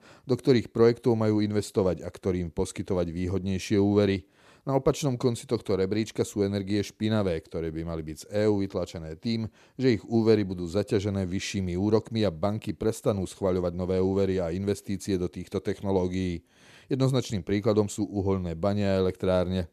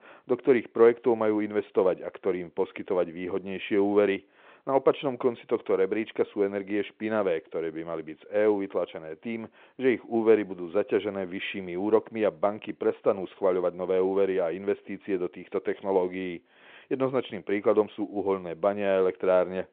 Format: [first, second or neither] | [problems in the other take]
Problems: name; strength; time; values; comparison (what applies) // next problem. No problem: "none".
first | phone-call audio